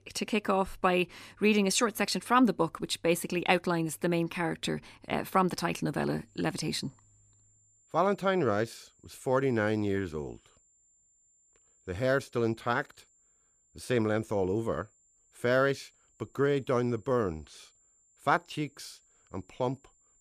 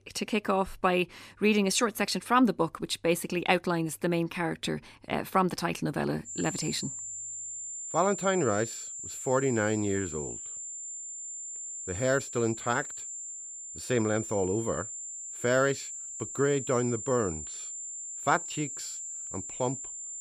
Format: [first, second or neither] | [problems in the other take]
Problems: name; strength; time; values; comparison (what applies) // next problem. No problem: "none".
first | high-pitched whine; loud; from 6.5 s on; 7 kHz, 7 dB below the speech; faint in the first